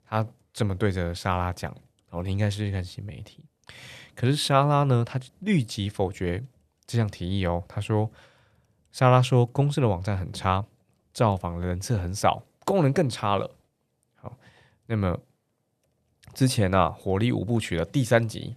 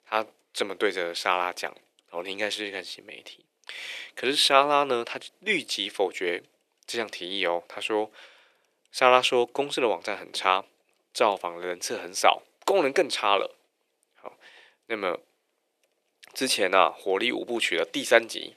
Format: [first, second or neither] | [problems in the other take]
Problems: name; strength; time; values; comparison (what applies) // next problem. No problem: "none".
first | thin; very; fading below 350 Hz